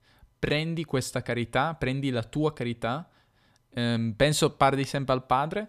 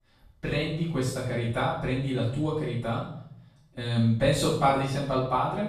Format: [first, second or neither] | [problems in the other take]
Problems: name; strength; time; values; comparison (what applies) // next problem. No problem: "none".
first | off-mic speech; far // room echo; noticeable; dies away in 0.6 s